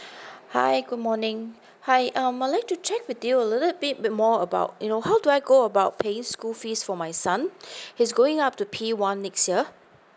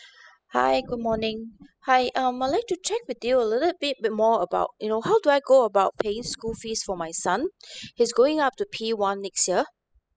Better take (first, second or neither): first